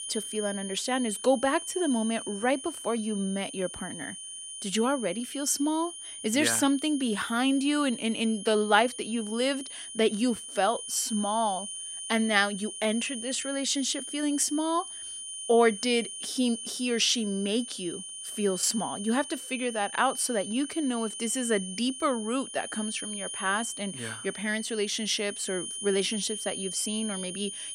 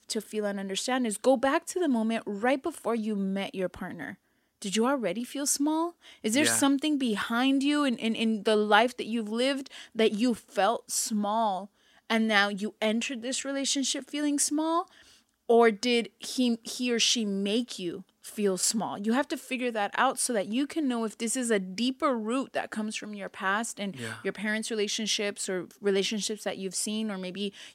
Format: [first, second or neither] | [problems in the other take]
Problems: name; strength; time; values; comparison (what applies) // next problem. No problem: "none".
second | high-pitched whine; loud; throughout; 9.5 kHz, 8 dB below the speech